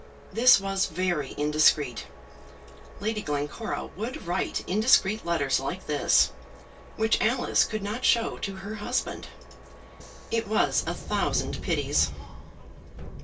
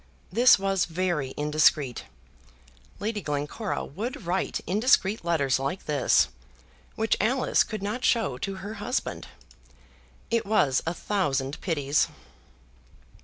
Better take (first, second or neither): second